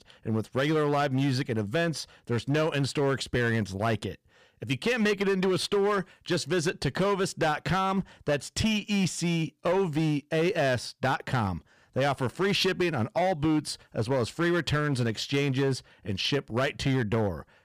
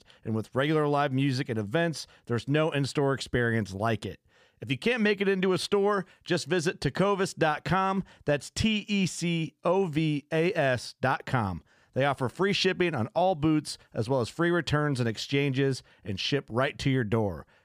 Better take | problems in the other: second | distortion; slight; 10% of the sound clipped

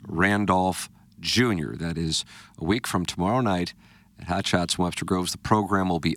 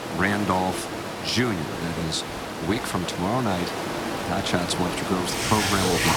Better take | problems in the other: first | rain or running water; loud; throughout; 2 dB below the speech

